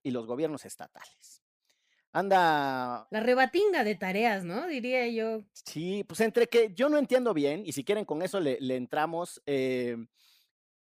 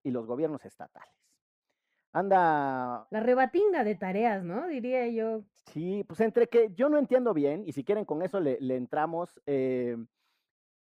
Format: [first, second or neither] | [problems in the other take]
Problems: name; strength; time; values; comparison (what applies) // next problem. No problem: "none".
first | muffled; very; fading above 2.5 kHz